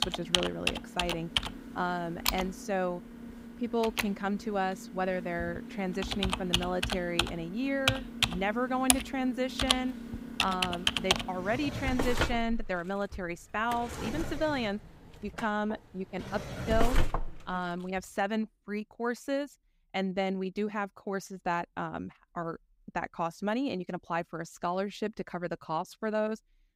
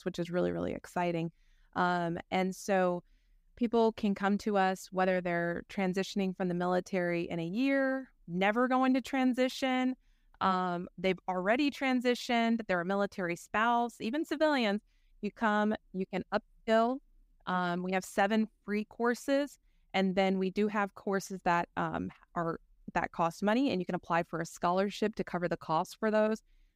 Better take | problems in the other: second | household noises; very loud; until 18 s; 1 dB above the speech

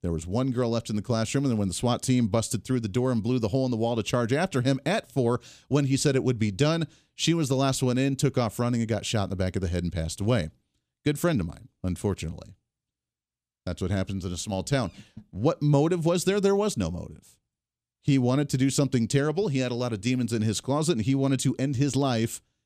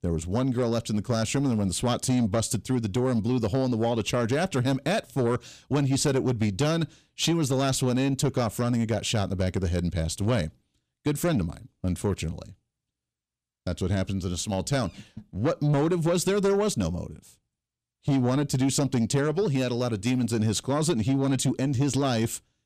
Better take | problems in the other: first | distortion; slight; 10 dB below the speech

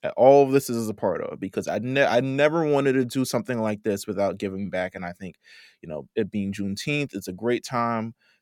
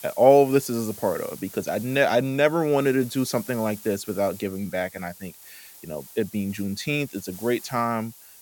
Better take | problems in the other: first | hiss; noticeable; throughout; 20 dB below the speech

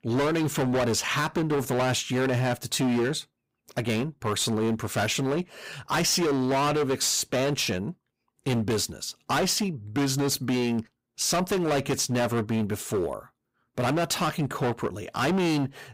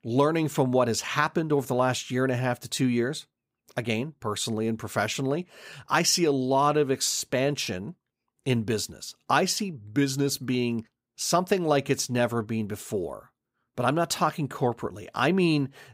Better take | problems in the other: second | distortion; heavy; 20% of the sound clipped

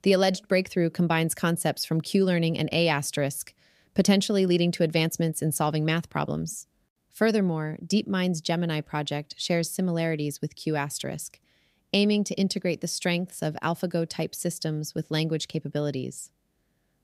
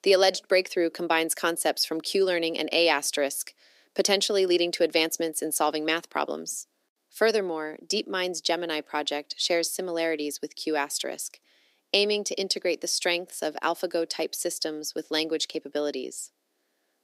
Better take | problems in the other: first | thin; very; fading below 300 Hz

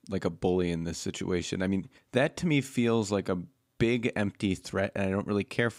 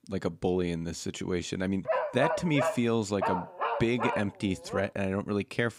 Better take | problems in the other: first | dog barking; loud; from 2 to 5 s; peak 1 dB above the speech

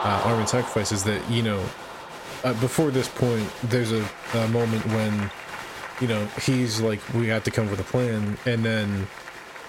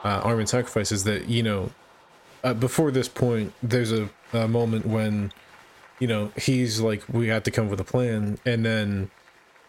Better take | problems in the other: second | crowd noise; loud; throughout; 10 dB below the speech; faint in the second

